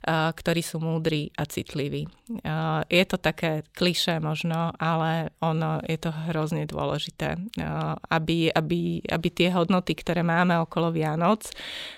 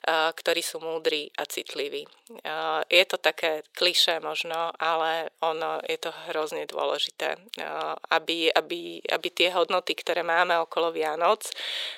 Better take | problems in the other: first | thin; very; fading below 450 Hz

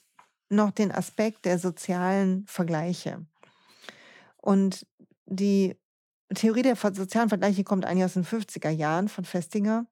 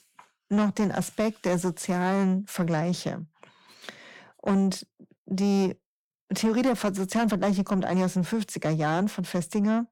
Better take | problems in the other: first | distortion; slight; 10 dB below the speech

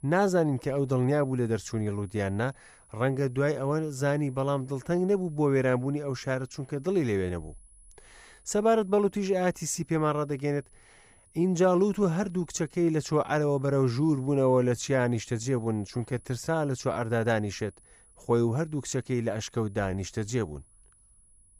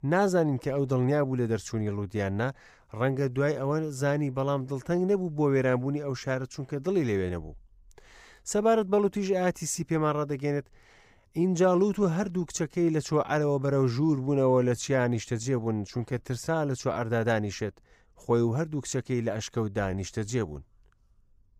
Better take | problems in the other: second | high-pitched whine; faint; throughout; 10 kHz, 30 dB below the speech

